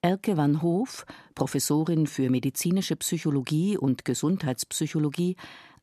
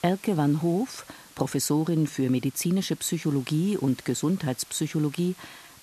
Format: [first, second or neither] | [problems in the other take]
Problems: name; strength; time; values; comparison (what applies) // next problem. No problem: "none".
first | hiss; faint; throughout; 20 dB below the speech